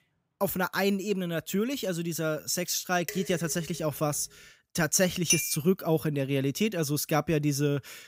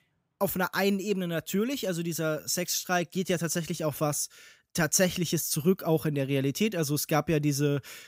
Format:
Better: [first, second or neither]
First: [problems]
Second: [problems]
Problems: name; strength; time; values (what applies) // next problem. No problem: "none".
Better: second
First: clattering dishes; noticeable; at 3 s; peak 10 dB below the speech // clattering dishes; loud; at 5.5 s; peak 2 dB above the speech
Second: none